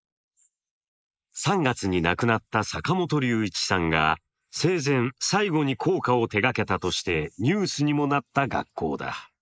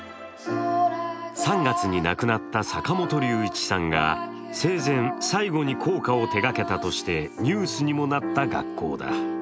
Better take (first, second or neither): second